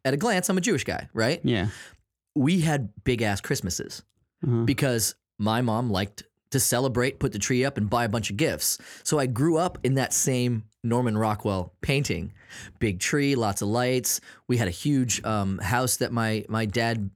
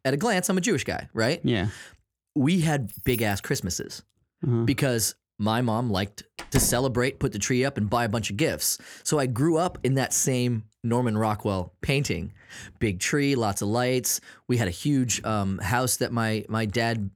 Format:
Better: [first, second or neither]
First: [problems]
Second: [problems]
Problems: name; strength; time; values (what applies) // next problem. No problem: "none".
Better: first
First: none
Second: jangling keys; noticeable; at 3 s; peak 9 dB below the speech // door banging; noticeable; at 6.5 s; peak 5 dB below the speech